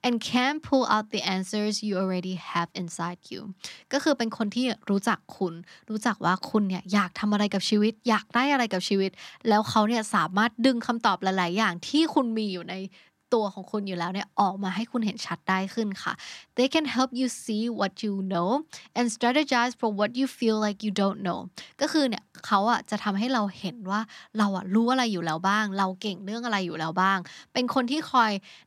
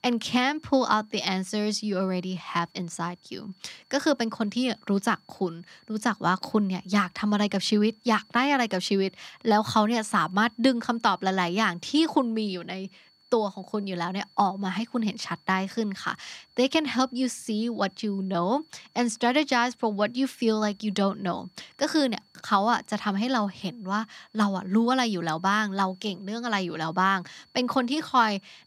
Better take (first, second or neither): first